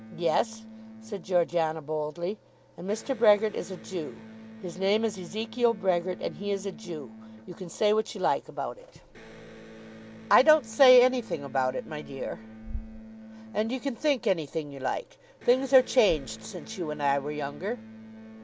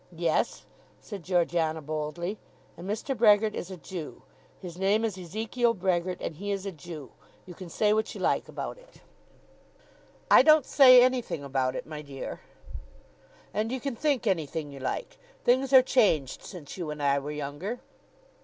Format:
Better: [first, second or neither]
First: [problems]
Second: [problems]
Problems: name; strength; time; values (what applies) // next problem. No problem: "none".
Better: second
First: background sound (Electric guitar); 18 dB below the speech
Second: none